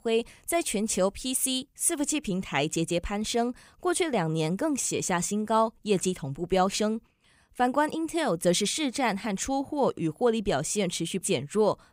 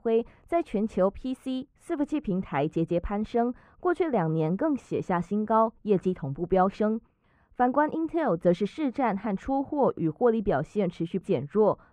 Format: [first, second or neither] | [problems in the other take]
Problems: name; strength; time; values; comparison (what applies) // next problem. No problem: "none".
first | muffled; very; fading above 3.5 kHz